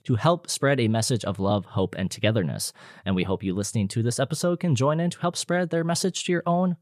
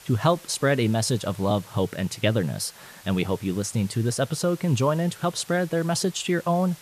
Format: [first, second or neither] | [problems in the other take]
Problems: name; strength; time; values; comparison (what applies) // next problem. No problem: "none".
first | hiss; faint; throughout; 20 dB below the speech